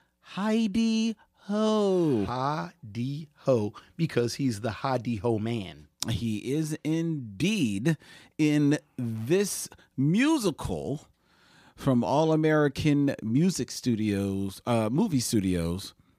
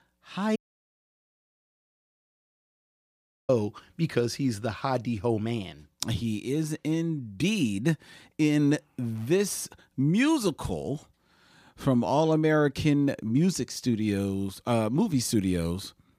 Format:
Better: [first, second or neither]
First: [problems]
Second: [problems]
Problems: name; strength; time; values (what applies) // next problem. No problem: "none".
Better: first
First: none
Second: audio cutting out; at 0.5 s for 3 s